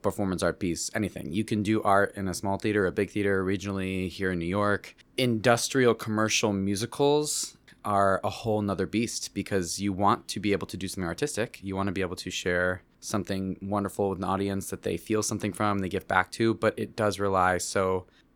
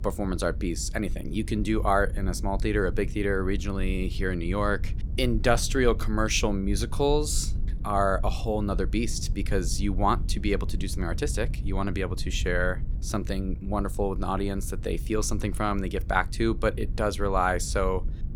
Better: first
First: none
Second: low rumble; faint; throughout; 20 dB below the speech

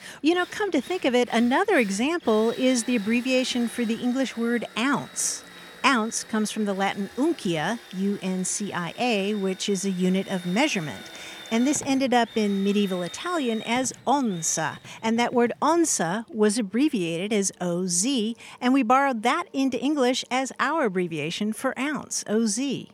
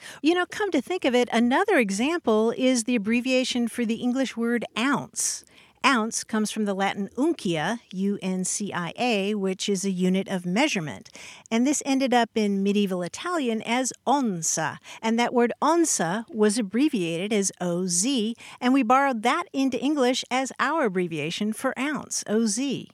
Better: second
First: machinery noise; noticeable; throughout; 20 dB below the speech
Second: none

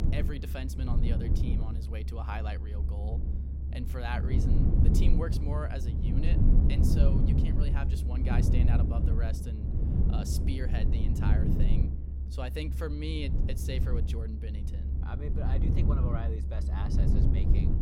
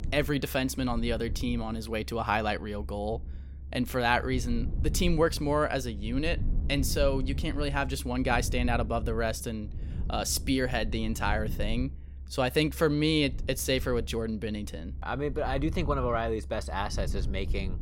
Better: second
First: low rumble; loud; throughout; as loud as the speech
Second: low rumble; faint; throughout; 20 dB below the speech

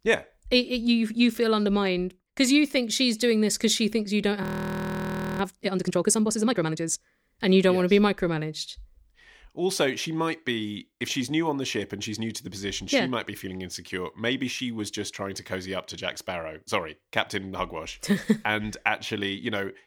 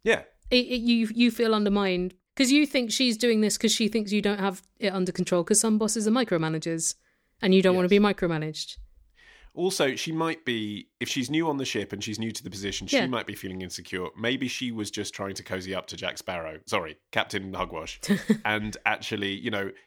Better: second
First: audio freezing; at 4.5 s for 1 s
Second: none

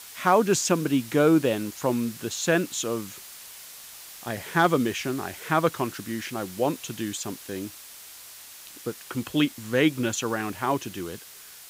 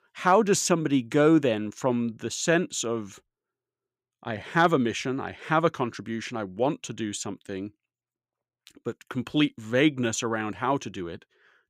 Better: second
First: hiss; noticeable; throughout; 15 dB below the speech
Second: none

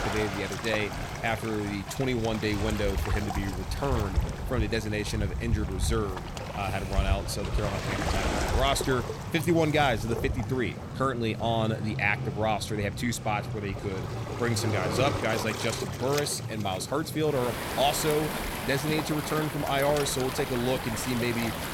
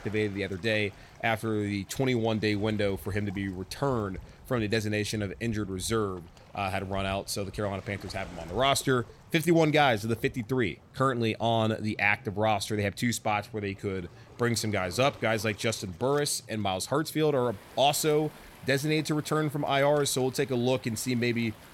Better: second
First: rain or running water; loud; throughout; 4 dB below the speech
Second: rain or running water; faint; throughout; 20 dB below the speech

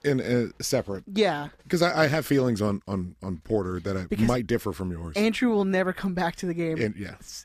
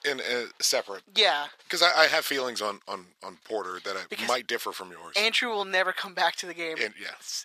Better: first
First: none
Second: thin; very; fading below 800 Hz

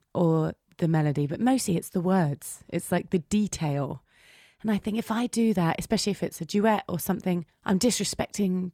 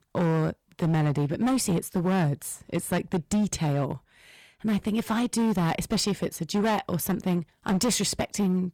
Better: first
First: none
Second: distortion; slight; 13% of the sound clipped

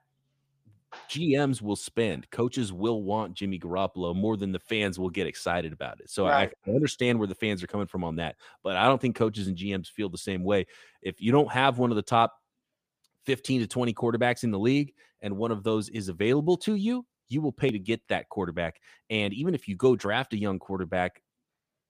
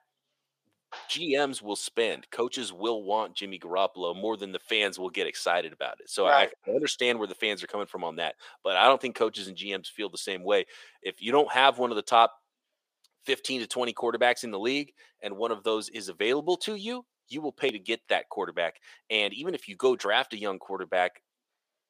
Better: first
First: none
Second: thin; somewhat; fading below 550 Hz

